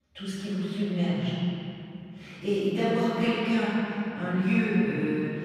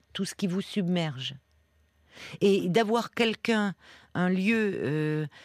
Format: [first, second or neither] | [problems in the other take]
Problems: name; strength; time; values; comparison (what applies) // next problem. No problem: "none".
second | off-mic speech; far // room echo; strong; dies away in 2.9 s